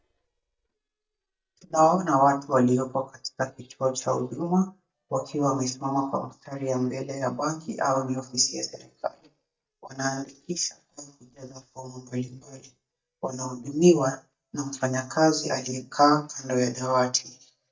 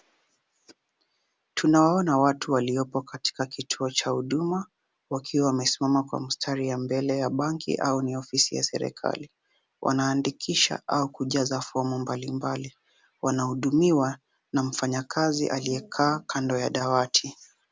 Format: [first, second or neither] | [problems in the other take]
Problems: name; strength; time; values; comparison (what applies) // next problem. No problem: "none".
second | noise reduction (neural mask model DeepFilterNet 3)